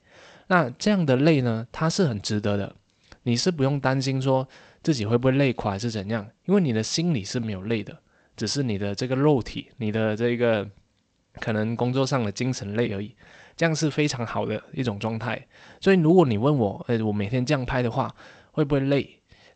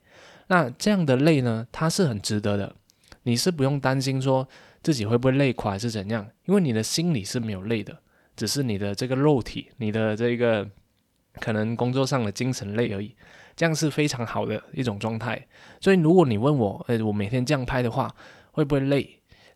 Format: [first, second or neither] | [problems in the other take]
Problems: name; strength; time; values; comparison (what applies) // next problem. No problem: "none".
second | garbled, watery; slightly; nothing above 8 kHz